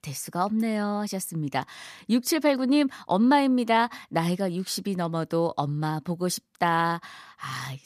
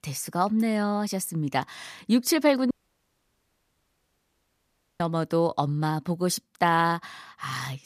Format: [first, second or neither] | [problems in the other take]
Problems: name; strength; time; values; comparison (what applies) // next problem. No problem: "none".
first | audio cutting out; at 2.5 s for 2.5 s